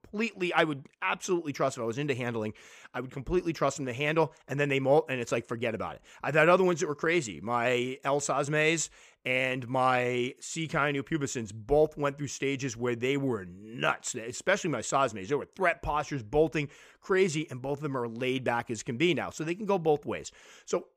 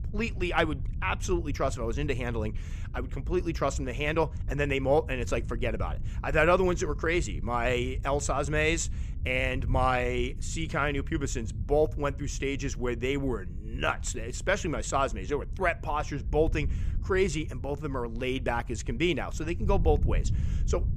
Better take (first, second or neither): first